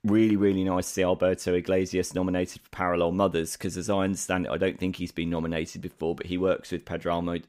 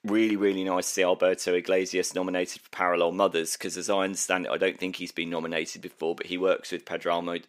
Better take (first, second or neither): first